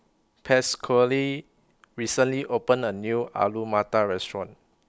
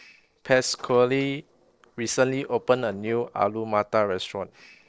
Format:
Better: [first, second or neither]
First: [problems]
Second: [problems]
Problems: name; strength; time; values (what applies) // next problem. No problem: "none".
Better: first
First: none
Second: noise reduction (neural separator model SepFormer DNS4)